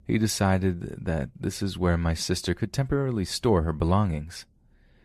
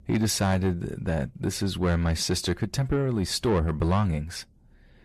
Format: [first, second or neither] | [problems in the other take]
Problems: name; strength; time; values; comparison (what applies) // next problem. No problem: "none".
first | distortion; slight; 10 dB below the speech